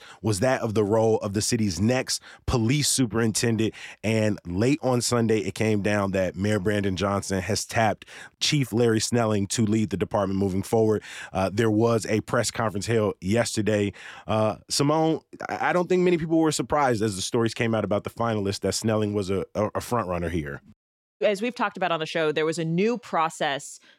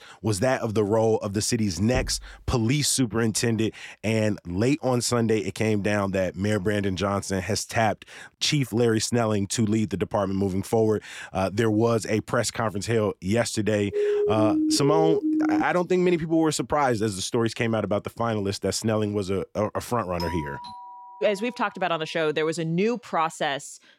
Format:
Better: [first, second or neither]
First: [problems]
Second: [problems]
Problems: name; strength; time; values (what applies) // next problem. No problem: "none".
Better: first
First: none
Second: door banging; noticeable; at 2 s; peak 9 dB below the speech // siren; loud; from 14 to 16 s; peak 1 dB above the speech // doorbell; faint; from 20 to 22 s; peak 10 dB below the speech